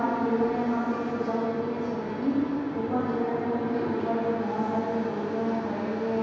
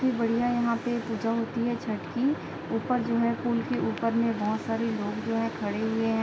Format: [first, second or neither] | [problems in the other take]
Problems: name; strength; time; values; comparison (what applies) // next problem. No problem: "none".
second | background sound (Musical instrument); 15 dB below the speech // room echo; dies away in 2.2 s